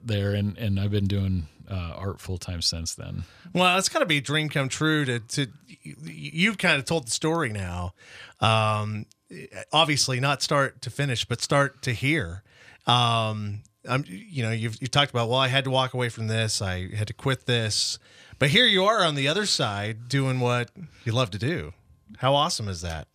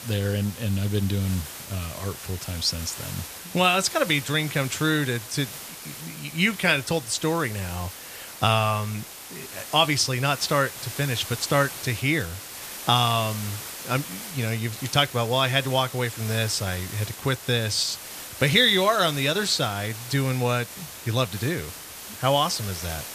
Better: first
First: none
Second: hiss; noticeable; throughout; 10 dB below the speech

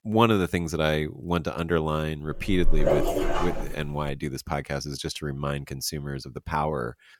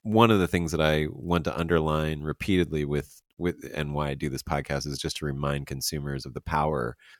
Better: second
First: dog barking; loud; from 2.5 to 4 s; peak 4 dB above the speech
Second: none

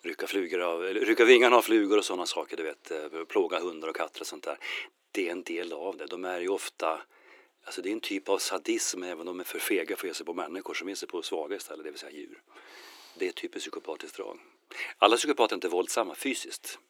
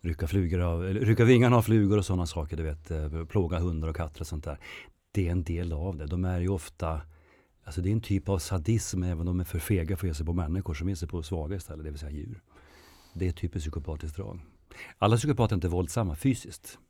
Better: second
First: thin; very; fading below 350 Hz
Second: none

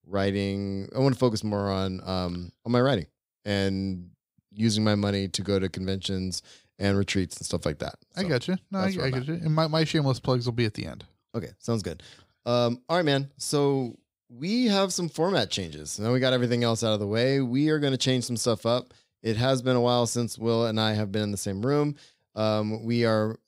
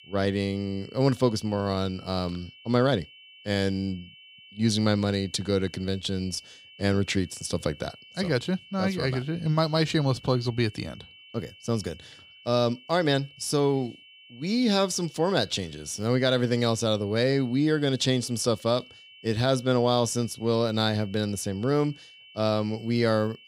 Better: first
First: none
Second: high-pitched whine; faint; throughout; 3 kHz, 20 dB below the speech

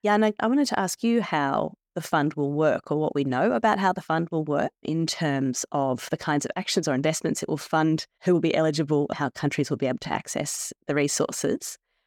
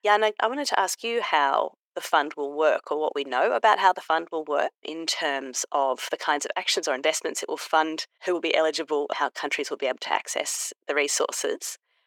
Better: first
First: none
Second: thin; very; fading below 400 Hz

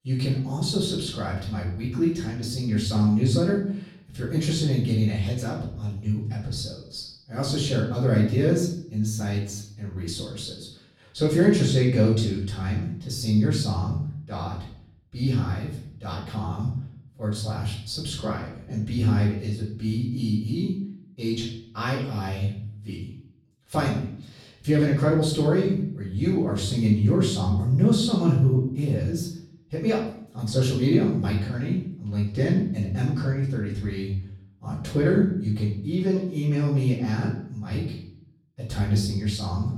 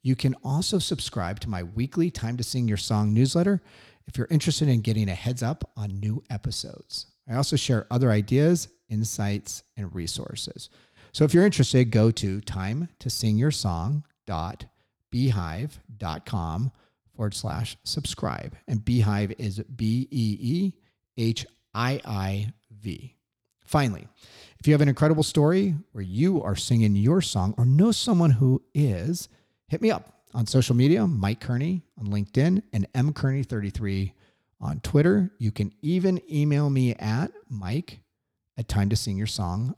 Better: second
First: room echo; noticeable; dies away in 0.6 s // off-mic speech; far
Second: none

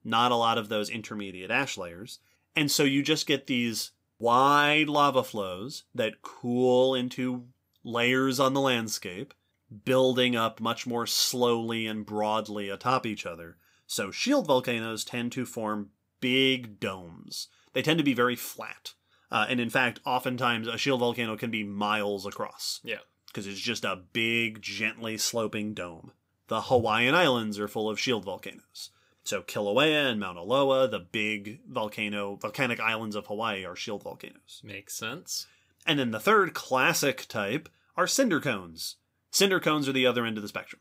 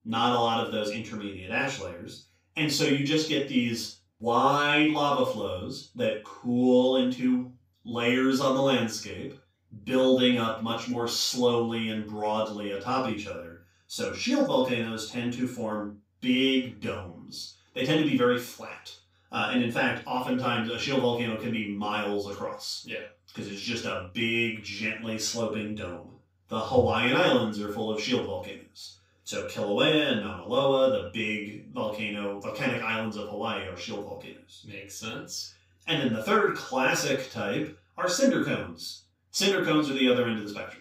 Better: first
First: none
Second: room echo; noticeable; dies away in 0.3 s // off-mic speech; far

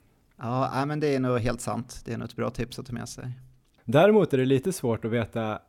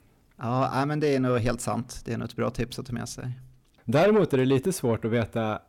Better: first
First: none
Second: distortion; slight; 10 dB below the speech

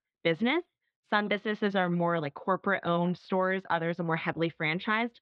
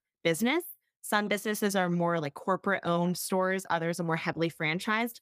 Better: second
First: muffled; slightly; fading above 3.5 kHz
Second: none

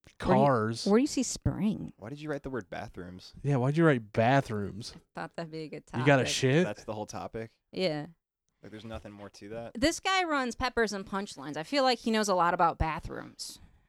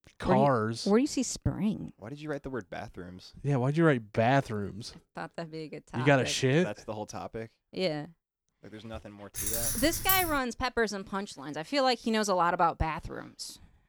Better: first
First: none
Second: jangling keys; loud; from 9.5 to 10 s; peak 2 dB above the speech

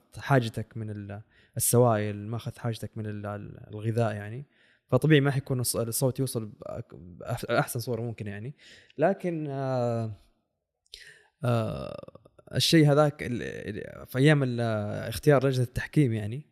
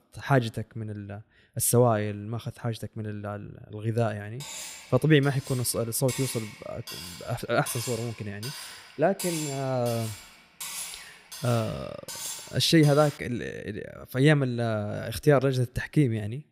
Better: first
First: none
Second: clattering dishes; noticeable; from 4.5 to 13 s; peak 6 dB below the speech

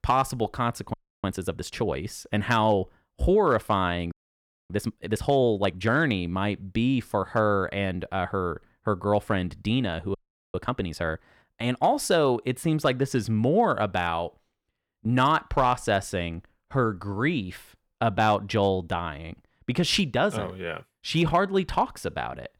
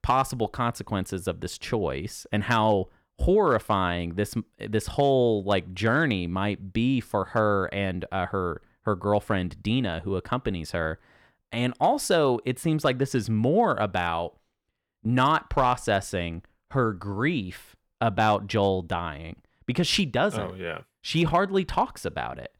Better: second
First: audio freezing; at 1 s, at 4 s for 0.5 s and at 10 s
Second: none

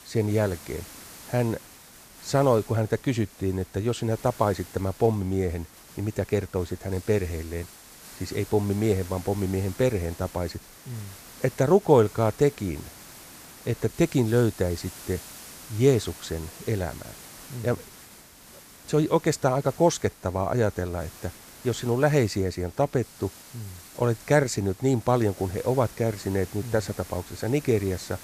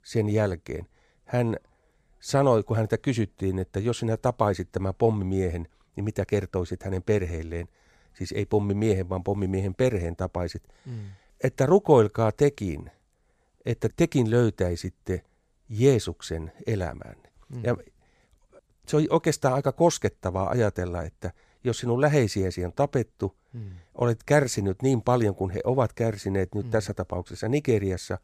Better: second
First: hiss; noticeable; throughout; 20 dB below the speech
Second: none

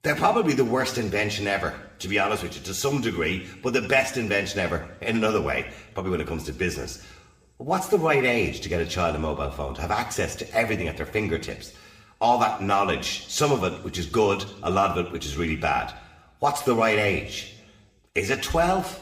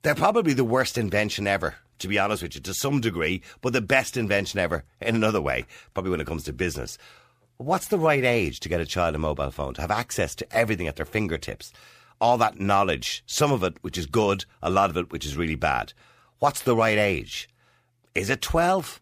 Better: second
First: room echo; slight; dies away in 0.7 s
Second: none

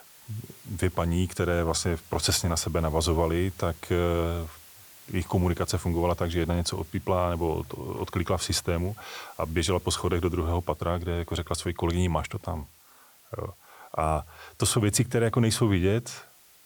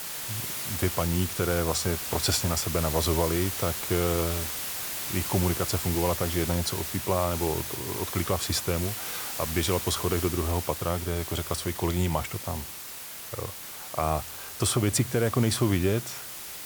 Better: first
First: hiss; faint; throughout; 20 dB below the speech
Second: hiss; loud; throughout; 4 dB below the speech

